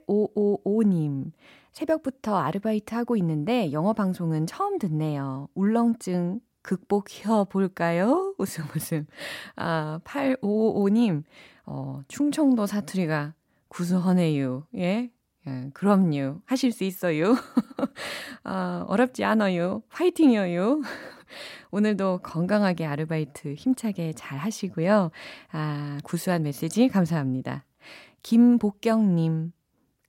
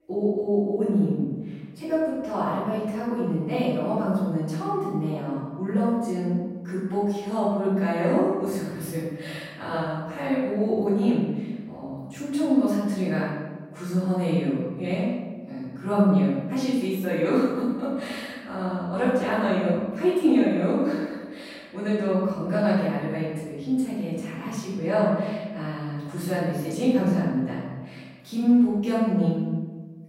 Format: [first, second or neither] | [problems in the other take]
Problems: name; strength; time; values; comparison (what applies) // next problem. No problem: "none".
first | room echo; strong; dies away in 1.1 s // off-mic speech; far